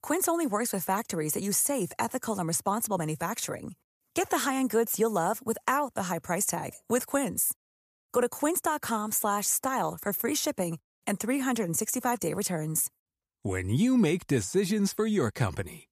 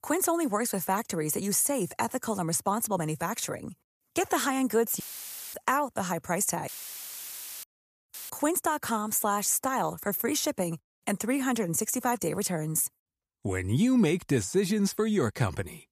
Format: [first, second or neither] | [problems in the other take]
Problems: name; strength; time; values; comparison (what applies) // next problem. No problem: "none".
first | audio cutting out; filled with static; at 5 s for 0.5 s, at 6.5 s for 1 s and at 8 s